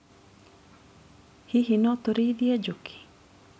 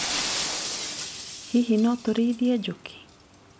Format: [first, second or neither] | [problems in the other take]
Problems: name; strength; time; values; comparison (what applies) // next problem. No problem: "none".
first | background sound (Shatter); 7 dB below the speech